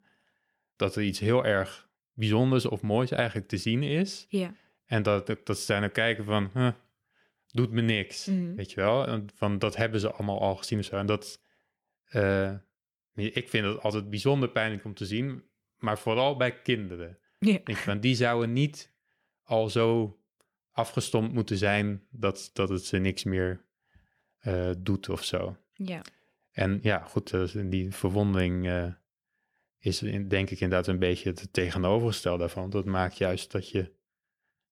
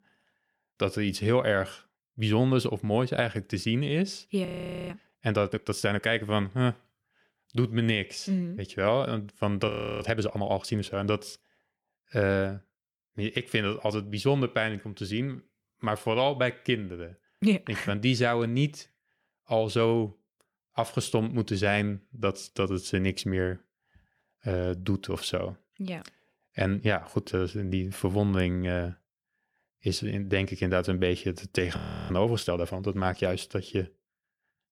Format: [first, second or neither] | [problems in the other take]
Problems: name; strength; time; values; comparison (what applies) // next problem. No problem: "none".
first | audio freezing; at 4.5 s, at 9.5 s and at 32 s